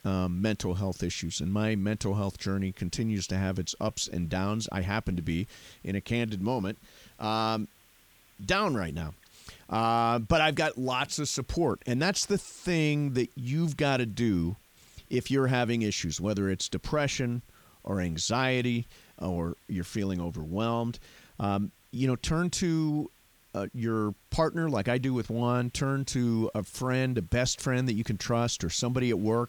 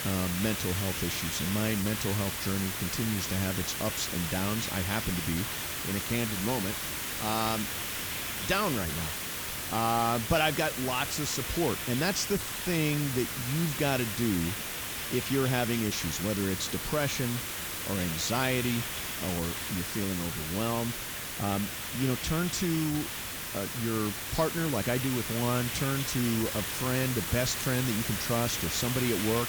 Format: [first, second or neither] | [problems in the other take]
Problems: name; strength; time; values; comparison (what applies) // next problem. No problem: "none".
first | hiss; loud; throughout; 2 dB below the speech; faint in the first